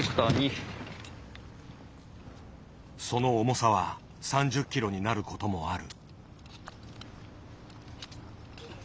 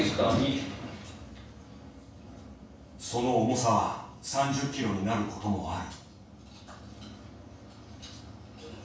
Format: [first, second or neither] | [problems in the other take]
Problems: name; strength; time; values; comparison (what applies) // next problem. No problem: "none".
first | room echo; dies away in 0.7 s